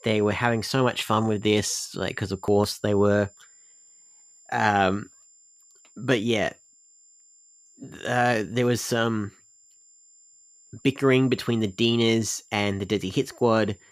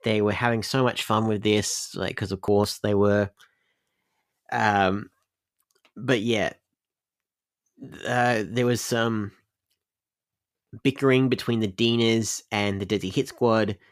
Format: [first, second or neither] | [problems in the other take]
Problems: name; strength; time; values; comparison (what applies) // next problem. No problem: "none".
second | high-pitched whine; faint; throughout; 7 kHz, 30 dB below the speech